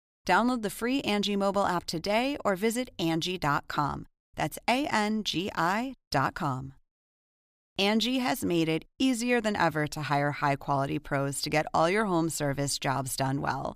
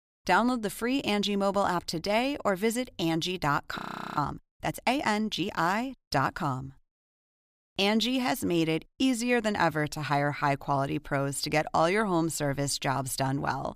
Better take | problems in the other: first | audio freezing; at 4 s

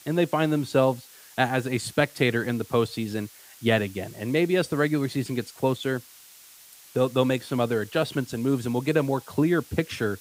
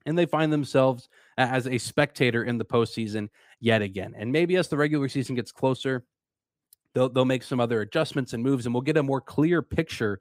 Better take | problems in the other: second | hiss; faint; throughout; 20 dB below the speech

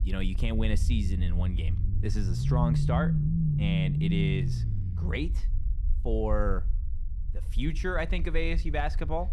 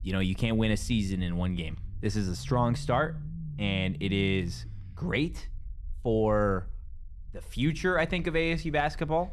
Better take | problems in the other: second | low rumble; loud; throughout; 5 dB below the speech; faint in the second

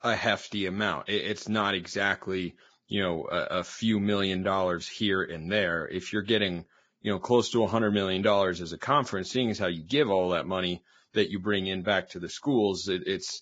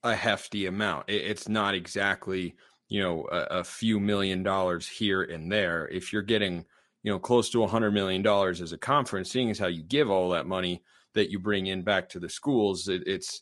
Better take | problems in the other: second | garbled, watery; badly; nothing above 7.5 kHz; slightly in the second

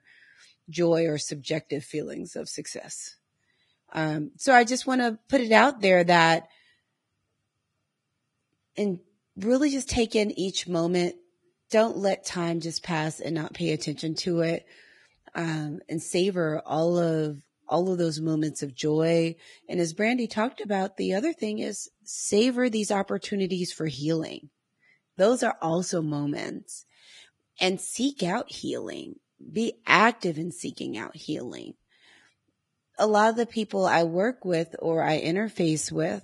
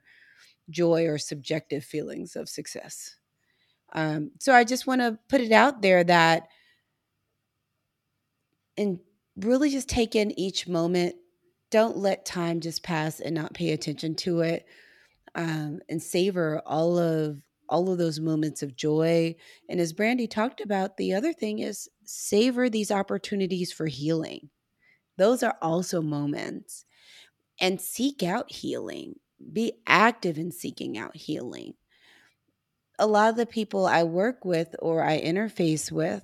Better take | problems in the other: second | garbled, watery; badly; nothing above 10.5 kHz

